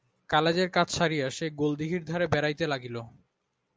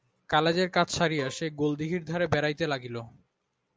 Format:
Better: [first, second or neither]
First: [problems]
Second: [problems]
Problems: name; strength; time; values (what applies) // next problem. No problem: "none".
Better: first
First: none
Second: background sound (Bowed string instrument); 15 dB below the speech